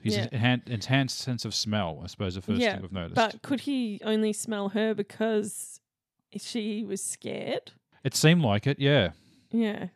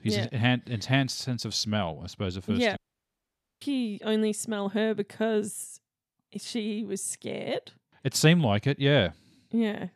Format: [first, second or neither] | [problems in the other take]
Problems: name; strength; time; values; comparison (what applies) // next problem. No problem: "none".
first | audio cutting out; at 3 s for 1 s